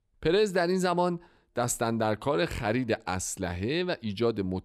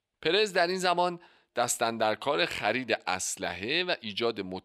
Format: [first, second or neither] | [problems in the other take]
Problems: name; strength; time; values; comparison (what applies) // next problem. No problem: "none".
first | thin; somewhat; fading below 800 Hz